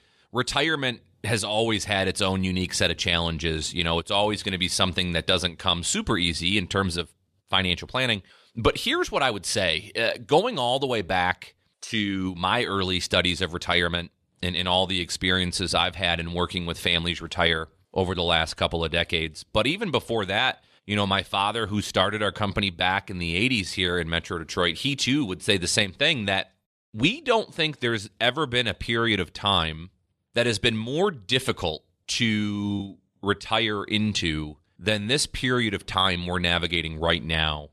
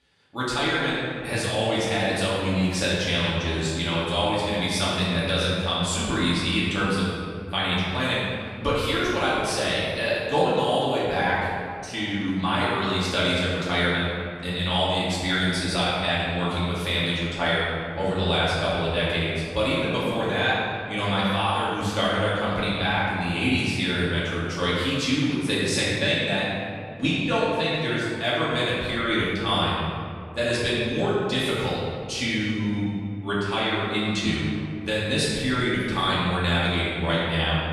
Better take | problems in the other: first | room echo; strong; dies away in 2.2 s // off-mic speech; far

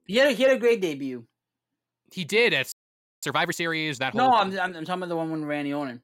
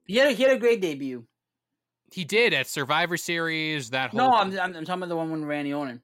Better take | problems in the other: second | audio freezing; at 2.5 s for 0.5 s

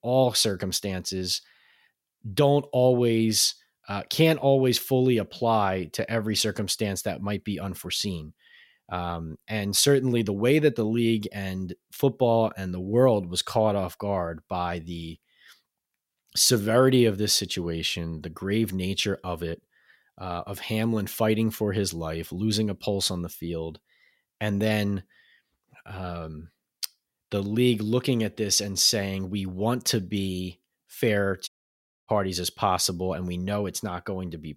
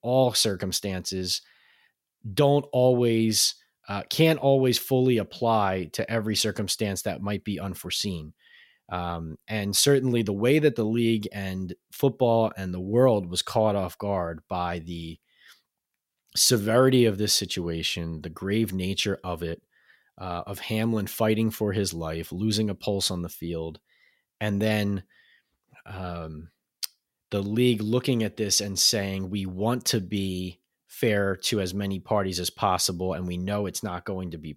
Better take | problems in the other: second | audio cutting out; at 31 s for 0.5 s

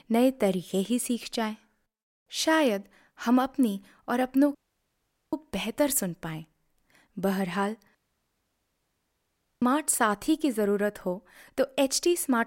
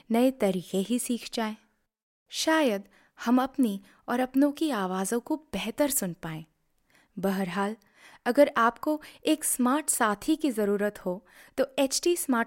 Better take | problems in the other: second | audio cutting out; at 4.5 s for 1 s and at 8 s for 1.5 s

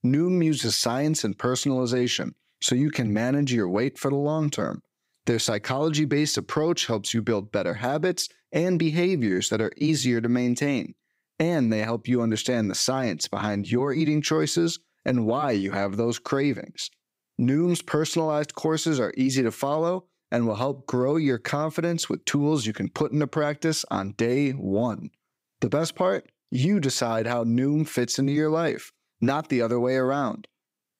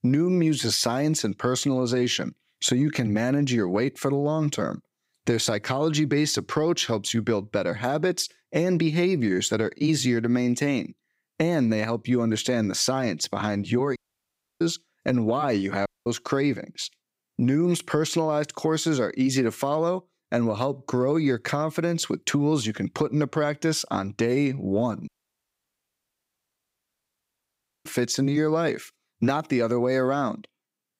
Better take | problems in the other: first | audio cutting out; at 14 s for 0.5 s, at 16 s and at 25 s for 3 s

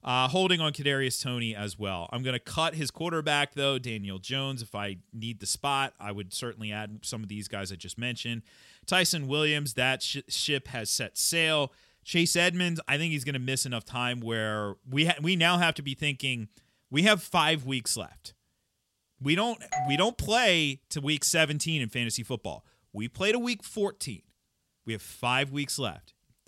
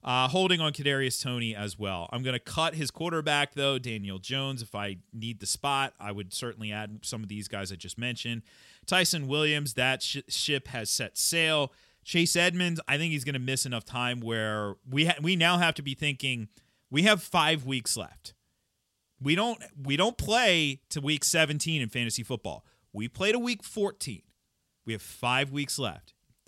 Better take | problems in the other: second | doorbell; noticeable; at 20 s; peak 4 dB below the speech

